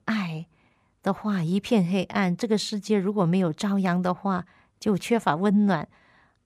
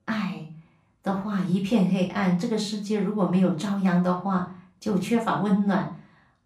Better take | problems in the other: first | room echo; slight; dies away in 0.3 s // off-mic speech; far

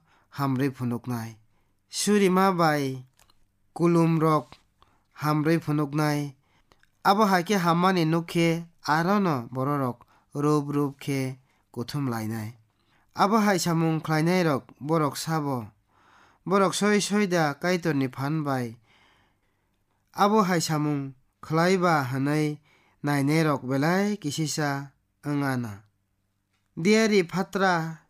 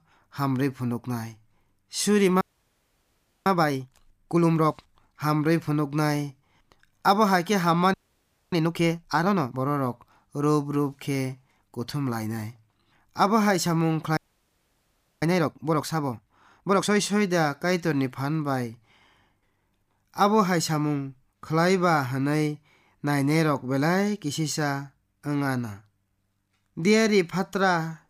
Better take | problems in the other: first | audio freezing; at 2.5 s for 1 s, at 8 s for 0.5 s and at 14 s for 1 s

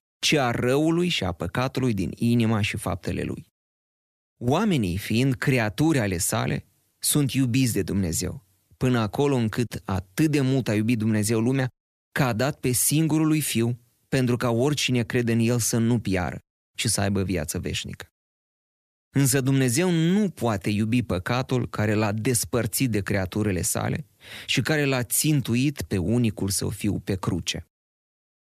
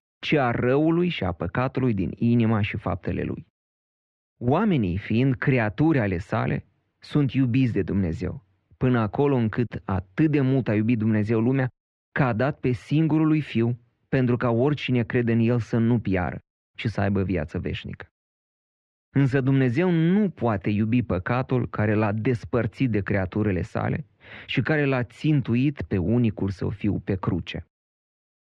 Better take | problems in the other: first | muffled; very; fading above 2.5 kHz

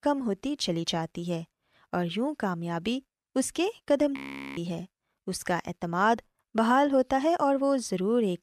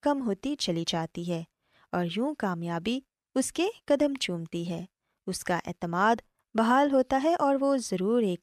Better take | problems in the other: second | audio freezing; at 4 s

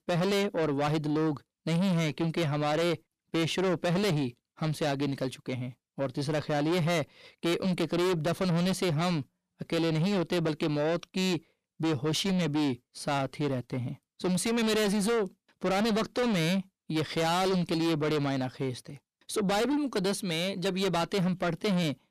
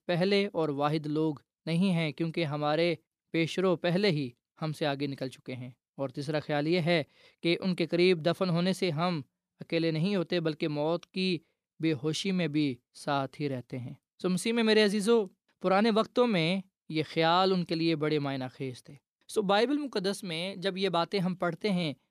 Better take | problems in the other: second | distortion; heavy; 6 dB below the speech

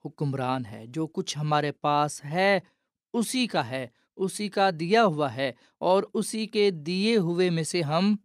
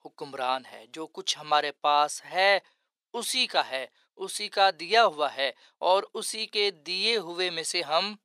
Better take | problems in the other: first | thin; very; fading below 700 Hz

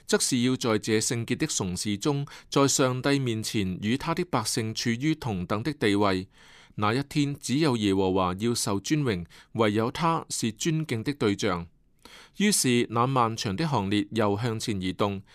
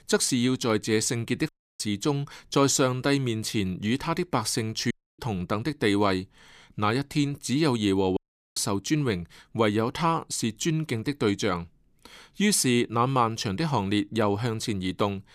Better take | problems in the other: first | audio cutting out; at 1.5 s, at 5 s and at 8 s

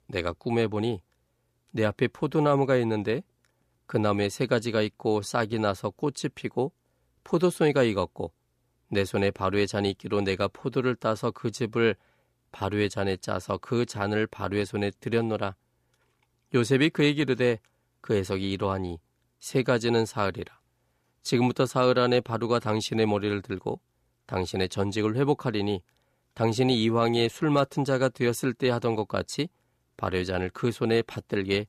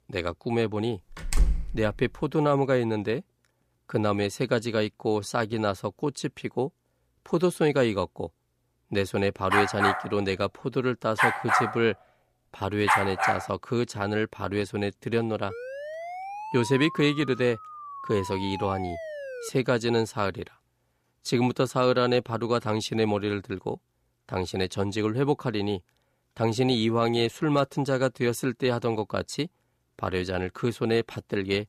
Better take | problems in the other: first | door banging; noticeable; at 1 s; peak level with the speech // dog barking; loud; from 9.5 to 13 s; peak 5 dB above the speech // siren; noticeable; from 16 to 19 s; peak 9 dB below the speech

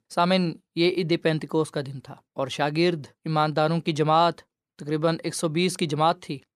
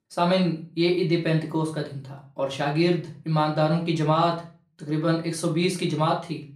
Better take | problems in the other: first | room echo; slight; dies away in 0.3 s // off-mic speech; far

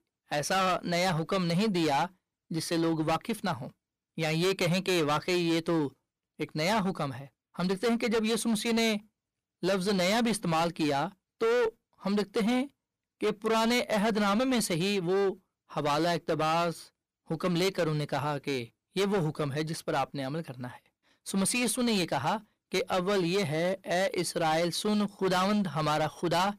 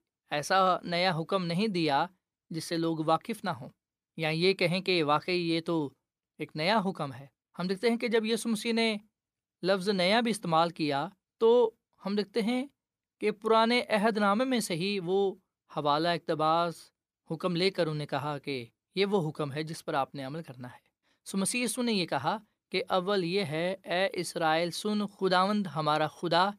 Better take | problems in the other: second | distortion; heavy; 16% of the sound clipped

